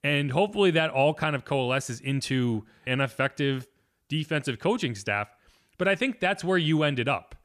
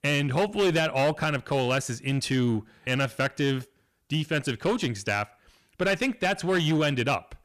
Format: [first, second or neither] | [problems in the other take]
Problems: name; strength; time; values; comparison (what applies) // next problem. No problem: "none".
first | distortion; slight; 10% of the sound clipped